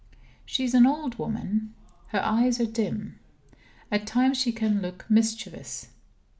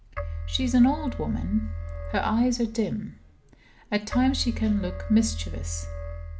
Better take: first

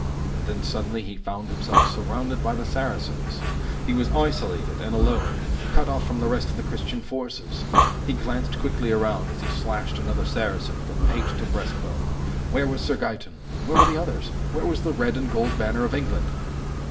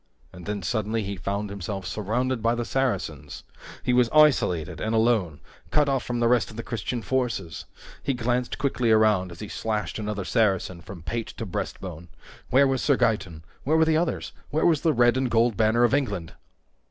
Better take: second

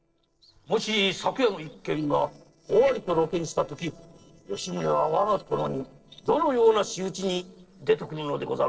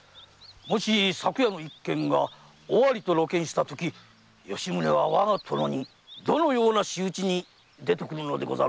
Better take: second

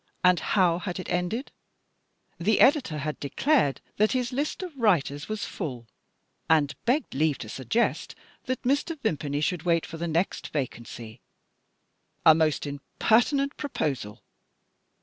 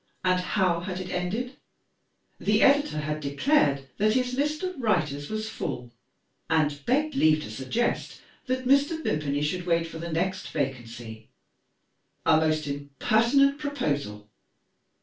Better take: first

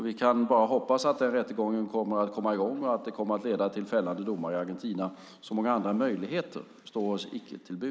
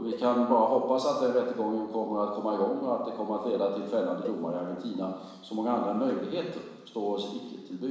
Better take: first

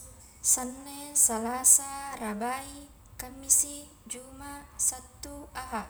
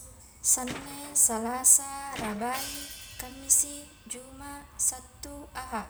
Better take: first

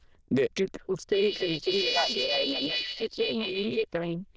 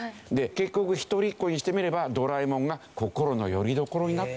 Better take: second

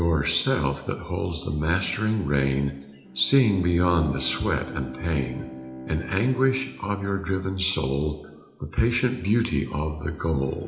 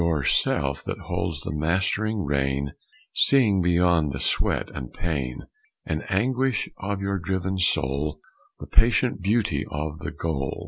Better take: second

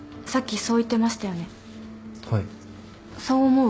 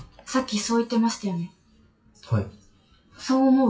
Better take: first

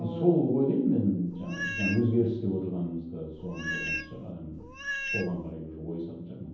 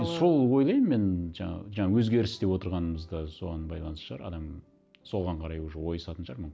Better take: second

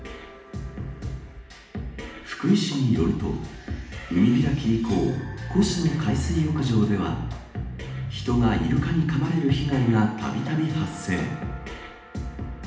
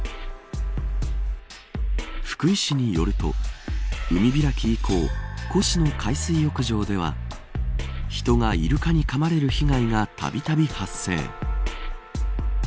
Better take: second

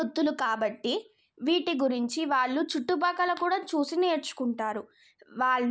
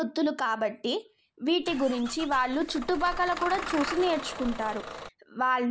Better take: first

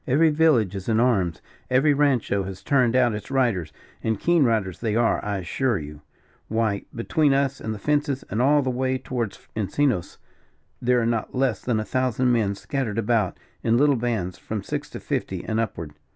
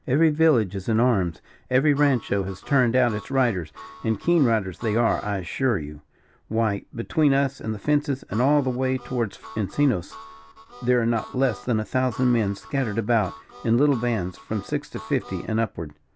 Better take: first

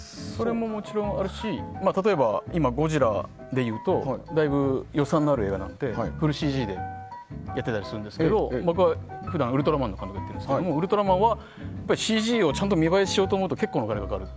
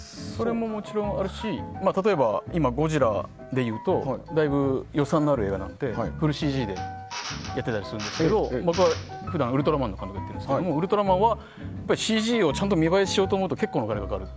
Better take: first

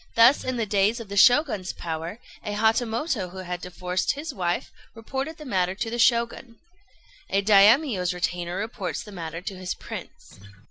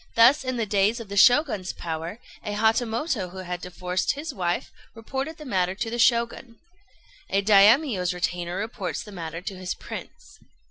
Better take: second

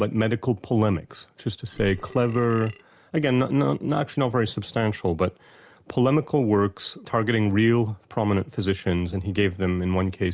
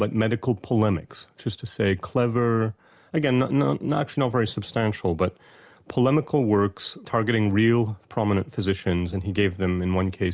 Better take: second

